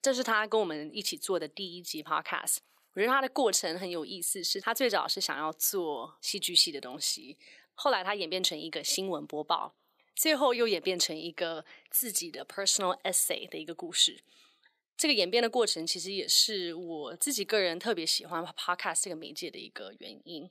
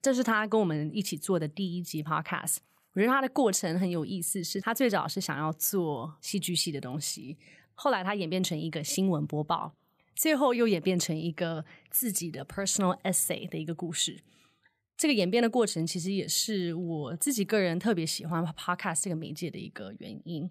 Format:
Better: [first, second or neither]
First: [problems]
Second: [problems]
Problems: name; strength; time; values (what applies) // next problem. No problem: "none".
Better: second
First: thin; somewhat; fading below 350 Hz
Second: none